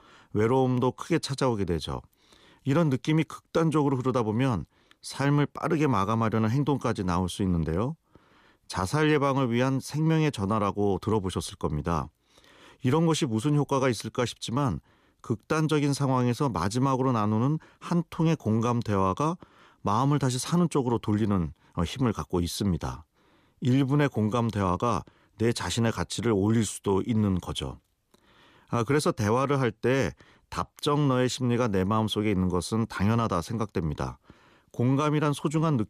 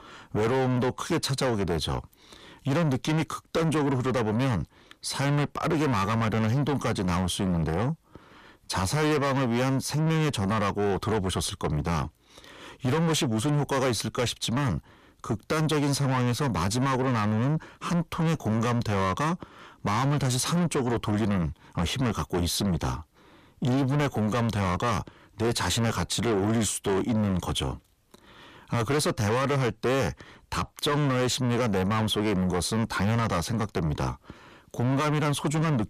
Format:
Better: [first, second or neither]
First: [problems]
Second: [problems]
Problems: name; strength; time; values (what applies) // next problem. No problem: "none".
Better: first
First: none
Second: distortion; heavy; 6 dB below the speech